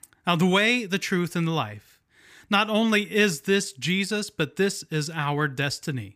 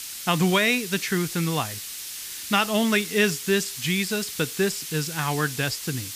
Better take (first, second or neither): first